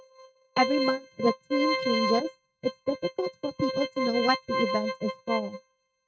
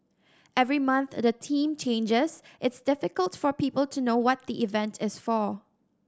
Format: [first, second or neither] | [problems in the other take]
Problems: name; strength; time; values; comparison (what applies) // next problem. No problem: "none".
second | noise reduction (neural mask model RNNoise)